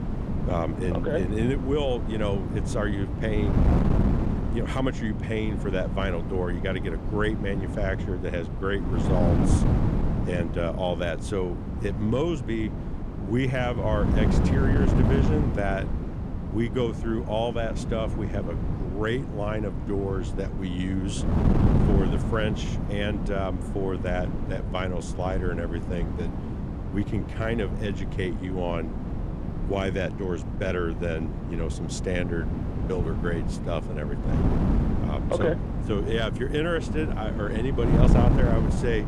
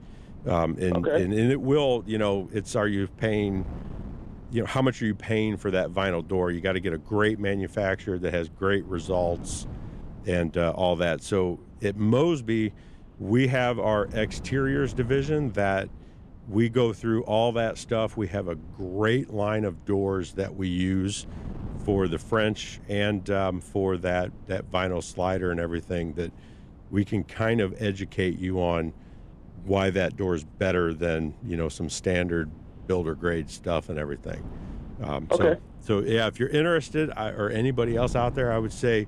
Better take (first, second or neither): second